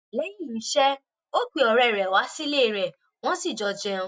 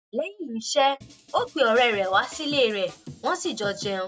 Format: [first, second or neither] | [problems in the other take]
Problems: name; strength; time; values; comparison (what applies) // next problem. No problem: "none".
first | background sound (Drum kit); 19 dB below the speech